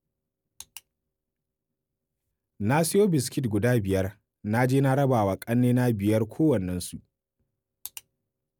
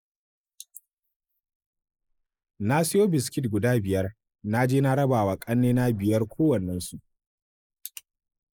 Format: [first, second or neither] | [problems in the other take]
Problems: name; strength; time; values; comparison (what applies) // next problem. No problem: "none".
first | noise reduction (neural mask model Resemble Enhance denoiser)